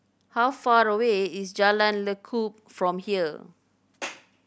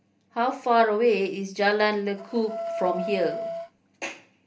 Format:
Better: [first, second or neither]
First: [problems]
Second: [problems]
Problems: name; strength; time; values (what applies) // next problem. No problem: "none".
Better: first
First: none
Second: background sound (Wind instrument, woodwind instrument); 8 dB below the speech // room echo; dies away in 0.3 s